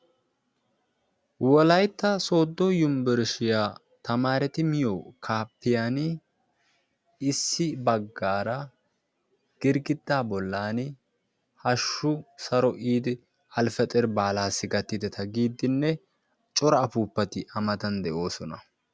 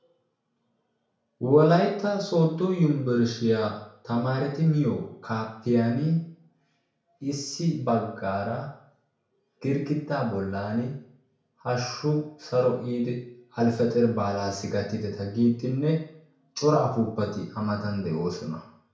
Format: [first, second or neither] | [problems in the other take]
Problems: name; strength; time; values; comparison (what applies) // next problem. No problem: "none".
first | room echo; dies away in 0.6 s